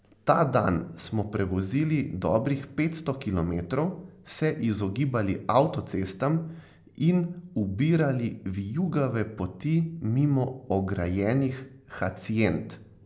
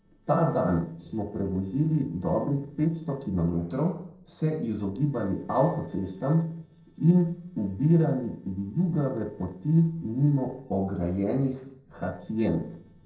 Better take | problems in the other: first | noise reduction (neural separator model SepFormer DNS4)

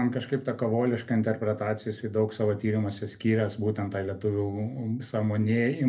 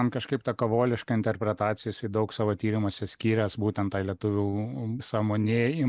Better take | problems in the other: second | room echo; dies away in 0.3 s

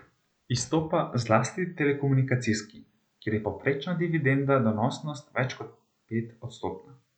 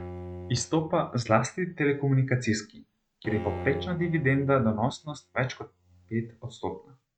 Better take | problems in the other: first | noise reduction (neural mask model RNNoise)

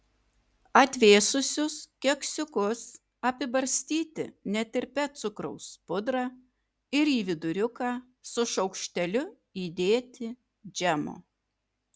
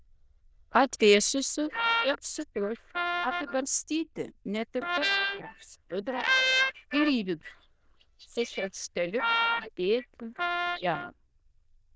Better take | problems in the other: first | noise reduction (neural diffusion model UNIVERSE++)

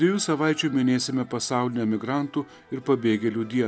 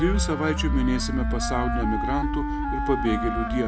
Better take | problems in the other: first | background sound (Wind instrument, woodwind instrument + Accelerating, revving, vroom); 1 dB above the speech

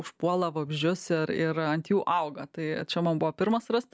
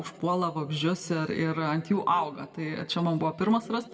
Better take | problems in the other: first | room echo; dies away in 1 s

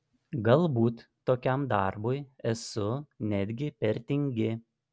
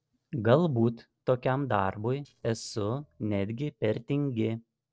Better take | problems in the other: first | noise reduction (neural separator model SepFormer DNS4)

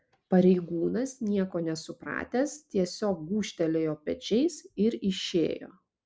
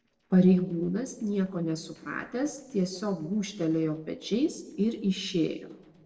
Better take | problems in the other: first | noise reduction (neural separator model SepFormer DNS4)

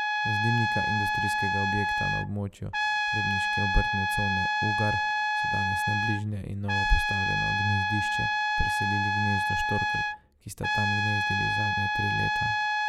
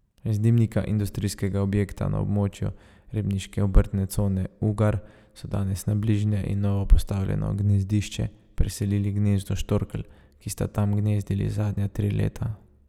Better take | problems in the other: second | background sound (Trumpet); 4 dB above the speech

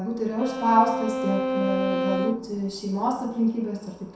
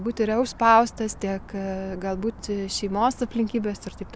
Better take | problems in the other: second | background sound (Bowed string instrument); 3 dB below the speech // room echo; dies away in 0.7 s

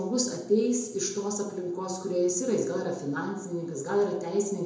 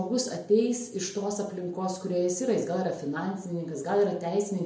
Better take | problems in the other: second | room echo; dies away in 0.6 s

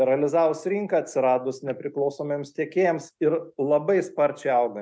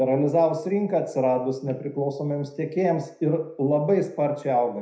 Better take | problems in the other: first | room echo; dies away in 0.5 s

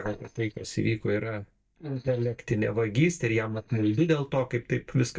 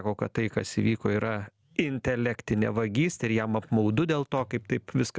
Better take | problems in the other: second | noise reduction (neural mask model DeepFilterNet 3)

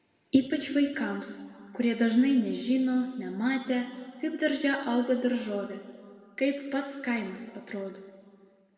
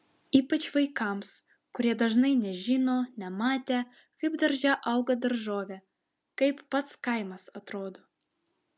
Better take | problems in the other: second | room echo; dies away in 1.8 s

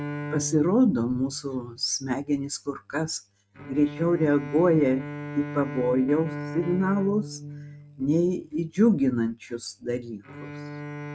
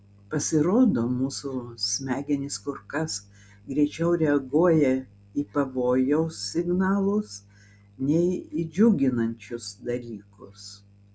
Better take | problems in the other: second | noise reduction (neural mask model RNNoise)

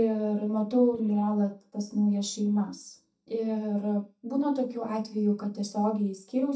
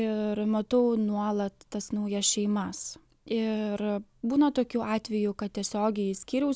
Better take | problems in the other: second | noise reduction (neural mask model DeepFilterNet 3)

